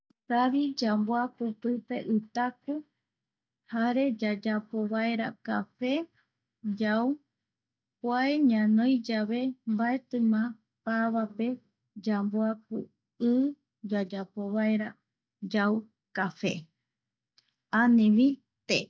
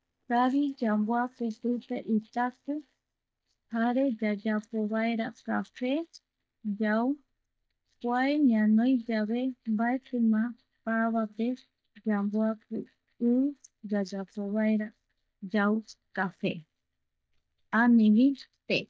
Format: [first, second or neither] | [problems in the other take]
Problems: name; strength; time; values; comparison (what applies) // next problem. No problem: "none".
first | noise reduction (neural mask model DeepFilterNet 3)